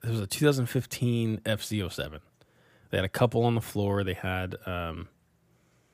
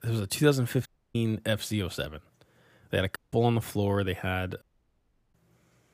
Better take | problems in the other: first | audio cutting out; at 1 s, at 3 s and at 4.5 s for 0.5 s

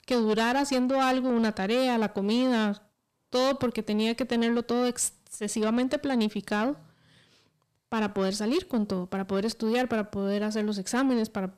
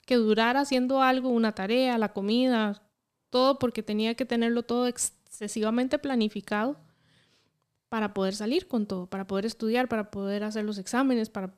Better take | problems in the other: second | distortion; slight; 10 dB below the speech

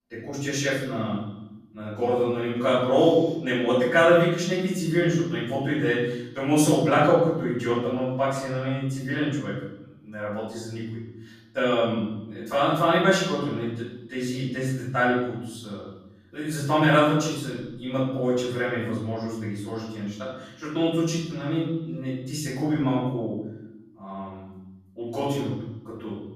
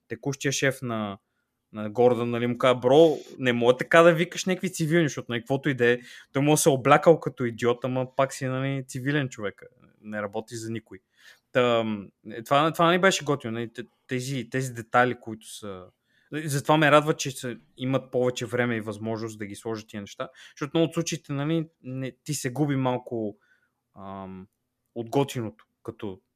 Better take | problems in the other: second | off-mic speech; far // room echo; noticeable; dies away in 0.9 s

